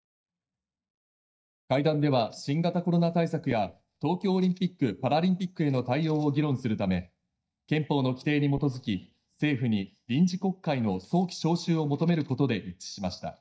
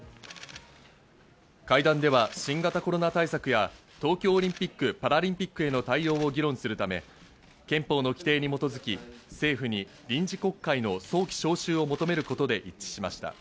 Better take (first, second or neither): second